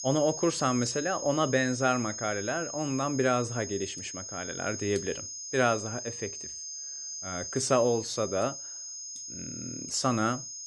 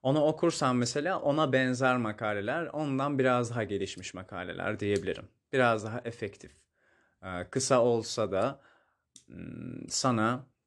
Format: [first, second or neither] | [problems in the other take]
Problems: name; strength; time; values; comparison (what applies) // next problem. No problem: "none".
second | high-pitched whine; loud; throughout; 6.5 kHz, 7 dB below the speech